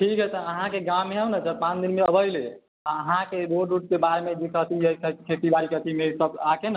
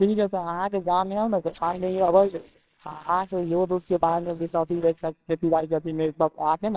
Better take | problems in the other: first | noise reduction (neural separator model SepFormer WHAMR!)

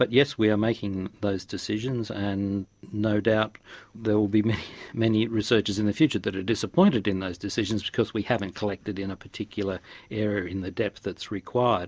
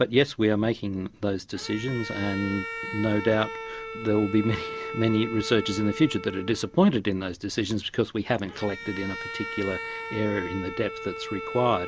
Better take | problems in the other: first | background sound (Bowed string instrument); 10 dB below the speech

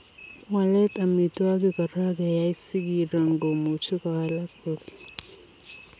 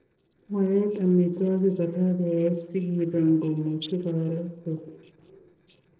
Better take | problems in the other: first | noise reduction (neural separator model SepFormer DNS4)

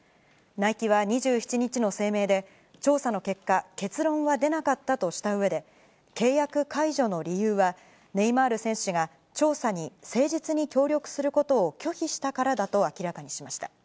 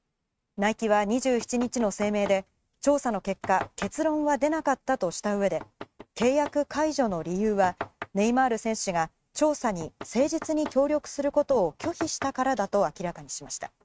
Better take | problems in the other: first | noise reduction (neural mask model RNNoise)

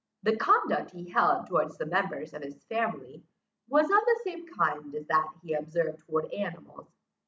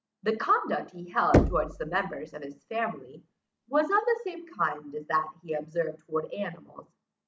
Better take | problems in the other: first | background sound (Knock); as loud as the speech

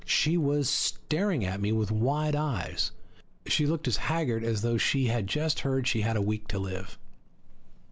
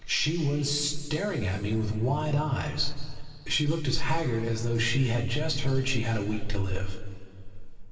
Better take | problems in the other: first | room echo; dies away in 2.8 s

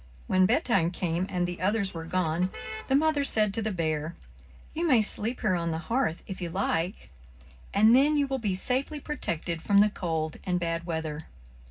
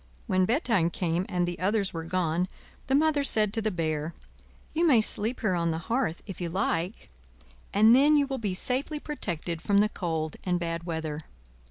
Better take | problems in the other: second | background sound (Motor vehicle (road)); 18 dB below the speech // room echo; dies away in 0.4 s

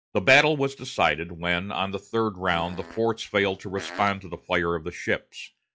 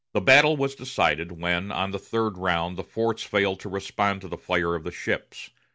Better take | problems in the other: second | noise reduction (classical method log-MMSE)

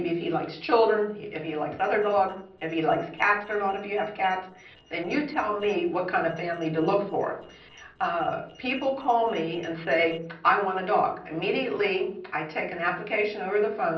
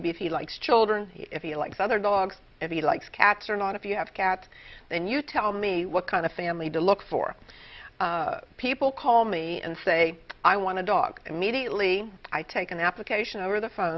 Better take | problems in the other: second | noise reduction (neural separator model SepFormer DNS4)

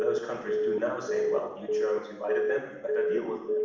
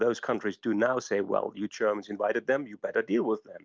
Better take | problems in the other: second | background sound (Telephone); 4 dB above the speech // room echo; dies away in 0.9 s

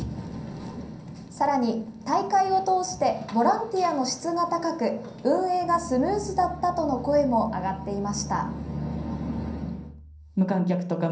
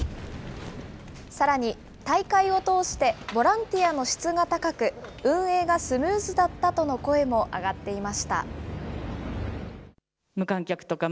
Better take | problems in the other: second | room echo; dies away in 0.6 s

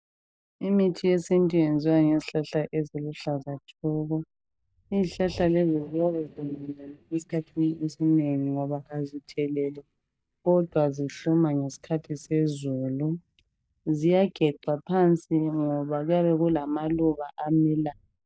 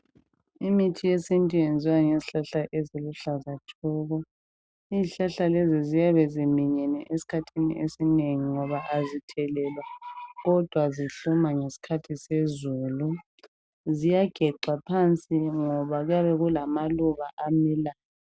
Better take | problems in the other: second | noise reduction (neural mask model DeepFilterNet 3)

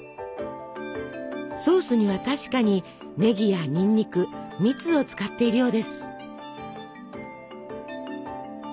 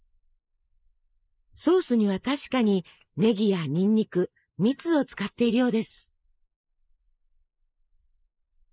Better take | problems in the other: first | noise reduction (neural mask model Resemble Enhance denoiser)

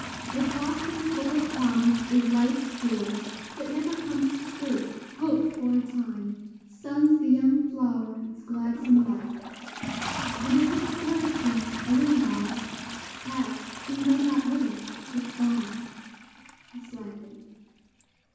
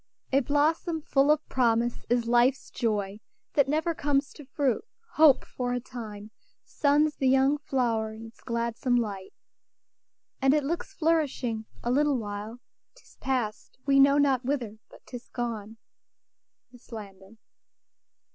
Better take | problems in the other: second | background sound (Toilet flush); 11 dB below the speech // room echo; dies away in 1.2 s

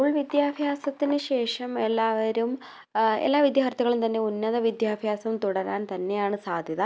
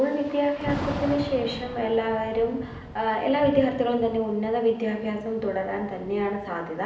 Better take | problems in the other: first | background sound (Thunder / Rain); 12 dB below the speech // room echo; dies away in 0.8 s

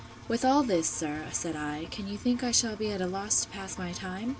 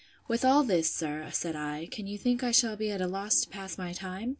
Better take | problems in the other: second | background sound (Engine); 16 dB below the speech

